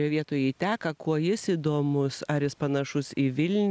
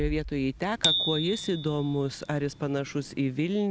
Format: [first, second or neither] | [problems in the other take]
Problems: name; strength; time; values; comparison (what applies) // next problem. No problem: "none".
first | background sound (Bass drum + Bicycle bell); 5 dB below the speech